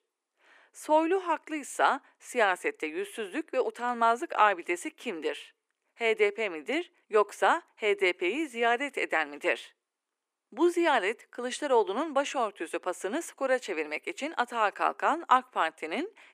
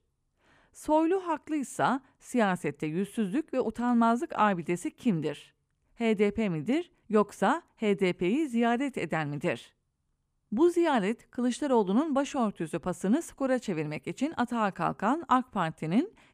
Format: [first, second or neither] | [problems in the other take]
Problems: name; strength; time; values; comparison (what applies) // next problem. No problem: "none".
second | thin; very; fading below 350 Hz